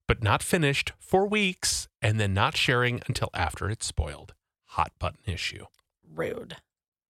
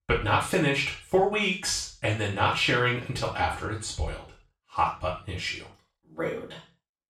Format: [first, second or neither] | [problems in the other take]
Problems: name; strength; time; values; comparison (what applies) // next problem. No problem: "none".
first | room echo; noticeable; dies away in 0.3 s // off-mic speech; far